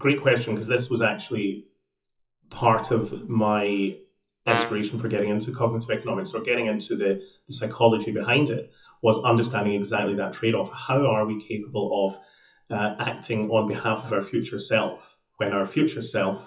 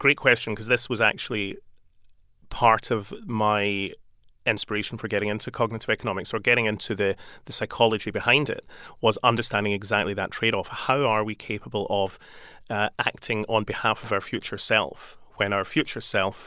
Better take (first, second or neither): second